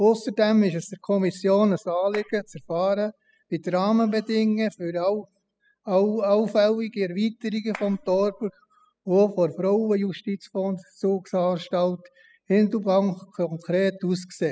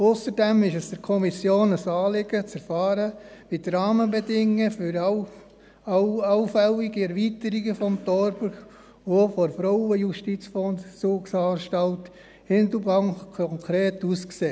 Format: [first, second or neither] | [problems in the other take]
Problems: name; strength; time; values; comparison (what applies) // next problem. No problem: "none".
second | noise reduction (classical method spectral subtraction)